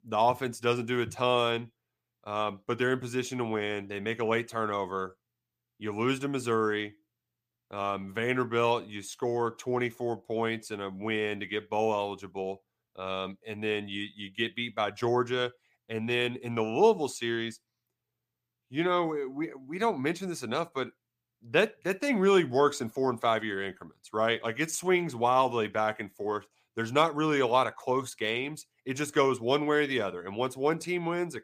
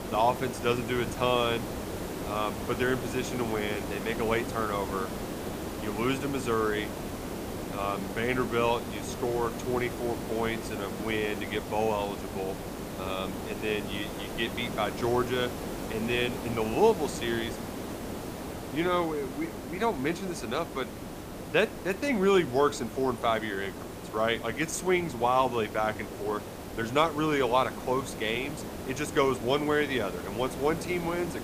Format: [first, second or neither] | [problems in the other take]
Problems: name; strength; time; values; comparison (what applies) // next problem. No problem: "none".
first | hiss; loud; throughout; 7 dB below the speech